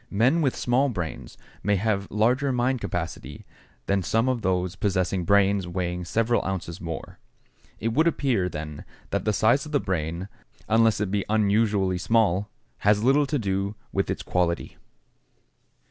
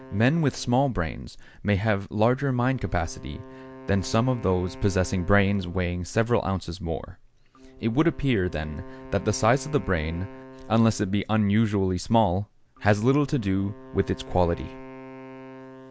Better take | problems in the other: first | background sound (Wind instrument, woodwind instrument); 20 dB below the speech

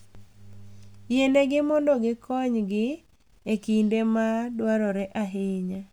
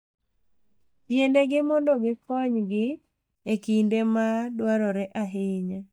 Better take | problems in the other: first | noise reduction (neural mask model DeepFilterNet 3)

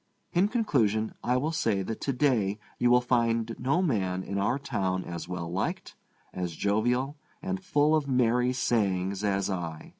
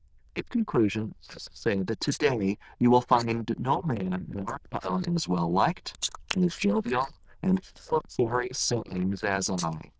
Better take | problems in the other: first | noise reduction (neural diffusion model UNIVERSE++)

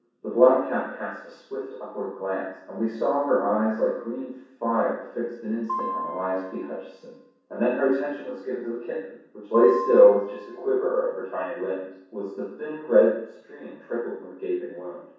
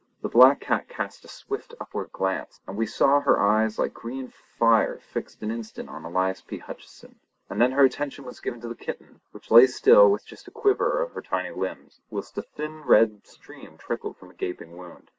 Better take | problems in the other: second | background sound (Piano); 10 dB below the speech // room echo; dies away in 0.7 s

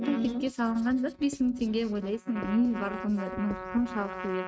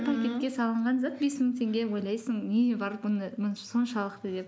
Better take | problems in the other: second | noise reduction (neural mask model RNNoise)

